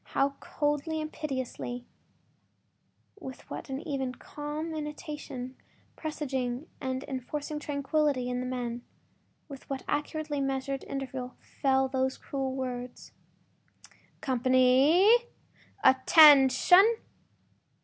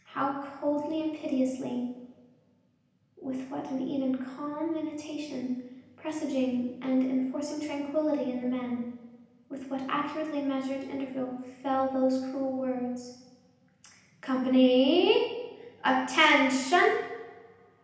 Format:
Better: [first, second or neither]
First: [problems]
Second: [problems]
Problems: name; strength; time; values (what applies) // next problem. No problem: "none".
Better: first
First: none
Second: room echo; dies away in 0.9 s